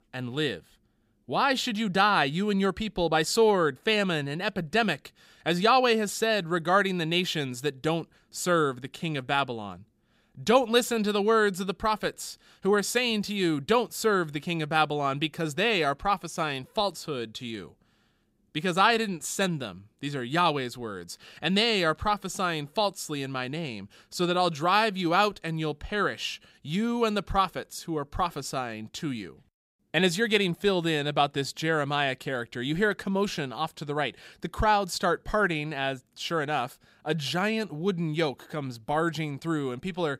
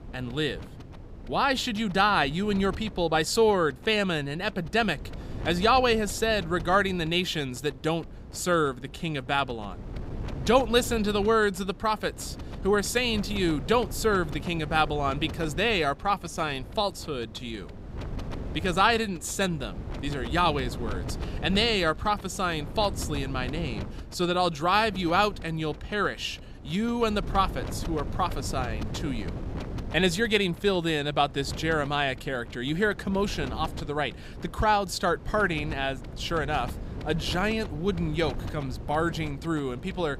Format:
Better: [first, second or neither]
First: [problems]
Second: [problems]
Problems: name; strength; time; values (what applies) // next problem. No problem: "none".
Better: first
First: none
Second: wind noise on the microphone; occasional gusts; 20 dB below the speech